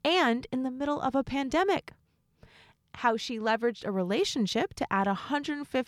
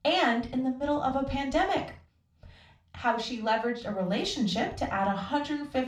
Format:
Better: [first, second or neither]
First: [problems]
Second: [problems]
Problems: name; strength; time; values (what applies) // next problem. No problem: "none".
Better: first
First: none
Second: room echo; slight; dies away in 0.3 s // off-mic speech; far